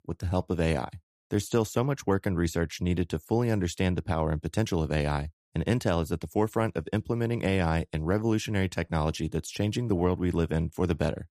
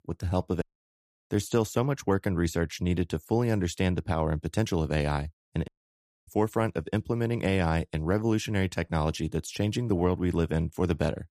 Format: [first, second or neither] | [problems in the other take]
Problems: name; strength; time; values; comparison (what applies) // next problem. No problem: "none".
first | audio cutting out; at 0.5 s for 0.5 s and at 5.5 s for 0.5 s